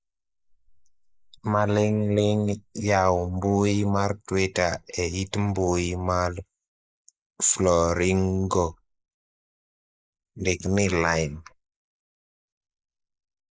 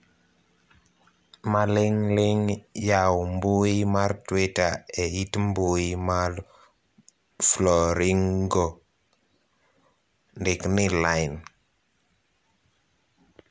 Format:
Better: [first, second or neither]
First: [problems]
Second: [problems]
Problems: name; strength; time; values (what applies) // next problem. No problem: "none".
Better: second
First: noise reduction (neural mask model Resemble Enhance denoiser)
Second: none